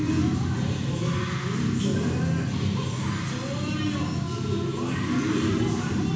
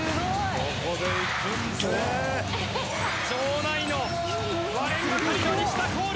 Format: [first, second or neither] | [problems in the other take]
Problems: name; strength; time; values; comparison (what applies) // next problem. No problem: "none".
second | room echo; dies away in 1.2 s